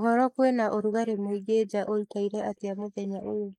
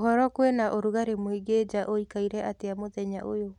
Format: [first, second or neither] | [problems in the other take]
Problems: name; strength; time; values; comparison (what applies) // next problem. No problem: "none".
second | noise reduction (neural mask model Resemble Enhance denoiser)